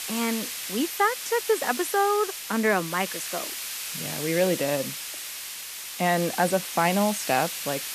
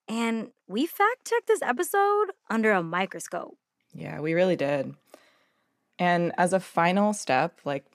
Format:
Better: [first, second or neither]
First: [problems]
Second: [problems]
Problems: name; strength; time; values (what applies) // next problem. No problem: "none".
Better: second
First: hiss; loud; throughout; 6 dB below the speech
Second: none